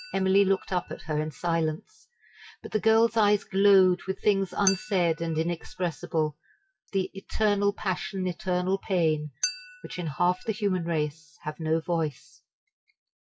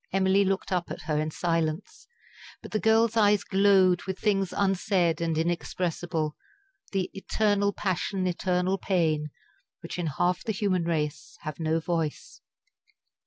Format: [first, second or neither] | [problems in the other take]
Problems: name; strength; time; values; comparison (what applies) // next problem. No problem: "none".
second | noise reduction (classical method WPE with log-MMSE)